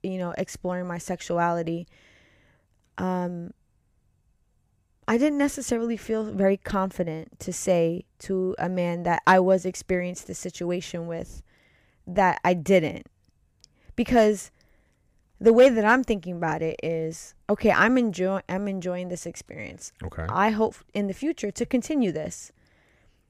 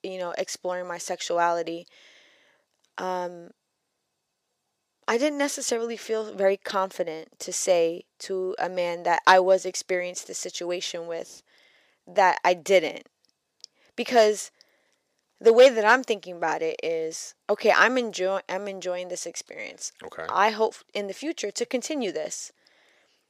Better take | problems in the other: first | thin; somewhat; fading below 450 Hz

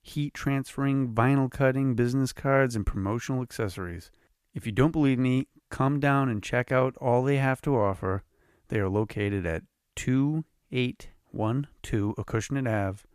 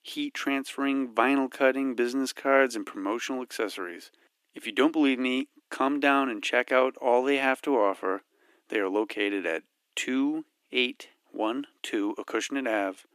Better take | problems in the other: first | thin; very slightly; fading below 300 Hz

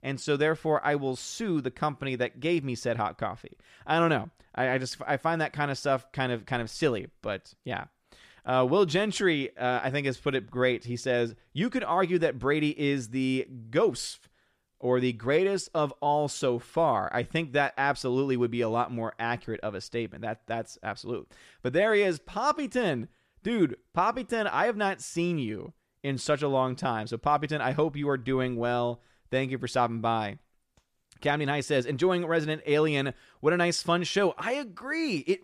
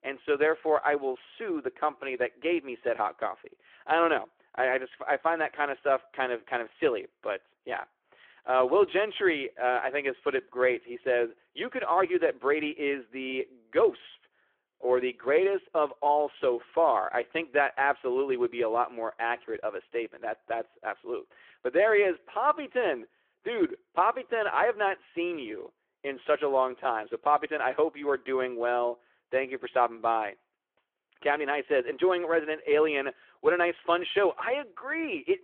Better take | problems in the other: first | phone-call audio

